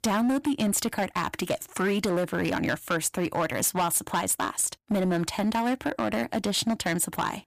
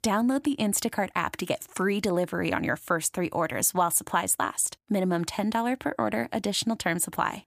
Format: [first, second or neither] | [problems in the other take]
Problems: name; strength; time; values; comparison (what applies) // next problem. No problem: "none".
second | distortion; slight; 12% of the sound clipped